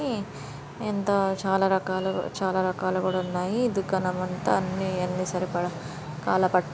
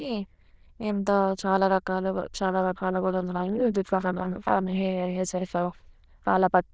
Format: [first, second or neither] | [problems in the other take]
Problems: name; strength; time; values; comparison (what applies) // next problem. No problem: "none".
first | noise reduction (neural diffusion model UNIVERSE++)